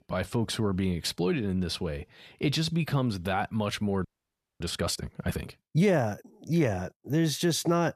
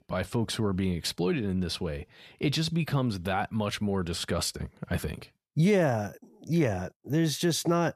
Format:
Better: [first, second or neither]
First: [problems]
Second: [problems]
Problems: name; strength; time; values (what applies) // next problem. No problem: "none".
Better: second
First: audio freezing; at 4 s for 0.5 s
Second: none